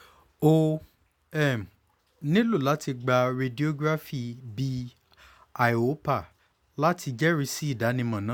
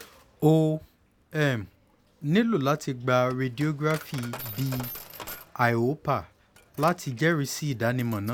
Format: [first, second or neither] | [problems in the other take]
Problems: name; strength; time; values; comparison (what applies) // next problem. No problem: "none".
first | background sound (Coin (dropping)); 19 dB below the speech